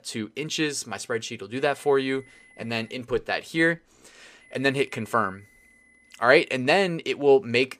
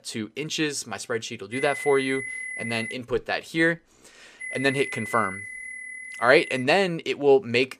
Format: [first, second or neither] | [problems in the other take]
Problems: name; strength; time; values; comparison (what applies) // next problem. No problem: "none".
first | high-pitched whine; loud; from 1.5 to 3 s and from 4.5 to 6.5 s; 2 kHz, 9 dB below the speech; faint in the first